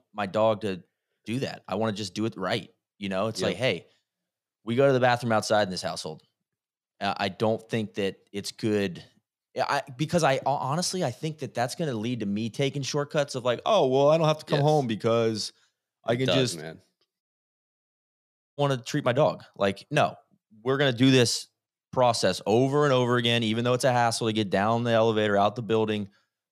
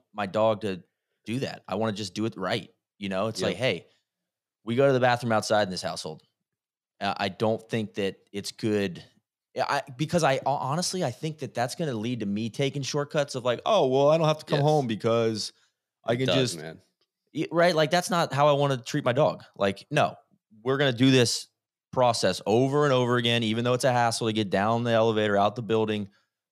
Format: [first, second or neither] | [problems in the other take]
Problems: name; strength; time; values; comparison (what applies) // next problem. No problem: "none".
second | audio cutting out; at 17 s for 1.5 s